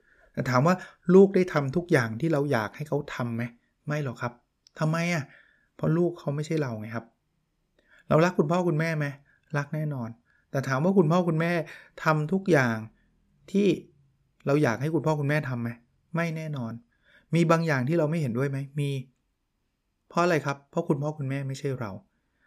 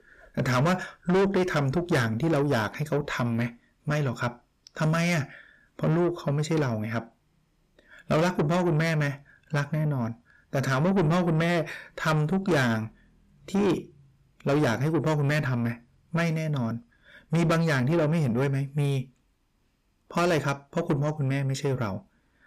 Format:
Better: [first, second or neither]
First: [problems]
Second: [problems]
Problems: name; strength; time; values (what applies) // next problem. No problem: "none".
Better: first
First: none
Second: distortion; heavy; 7 dB below the speech